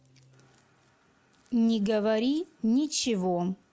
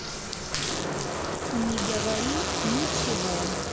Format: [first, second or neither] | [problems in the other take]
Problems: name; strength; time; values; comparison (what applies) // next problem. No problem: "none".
first | background sound (Packing tape, duct tape + Bathtub (filling or washing)); 4 dB above the speech